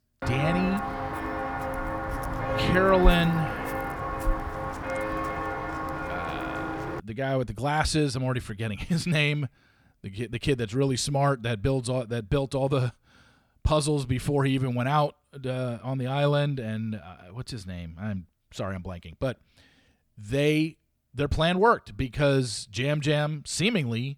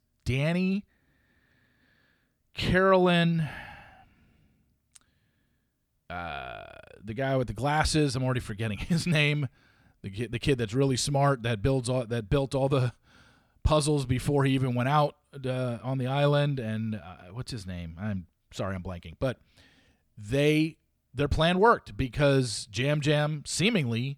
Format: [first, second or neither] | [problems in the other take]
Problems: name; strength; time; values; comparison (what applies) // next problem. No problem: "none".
second | footsteps; loud; until 7 s; peak level with the speech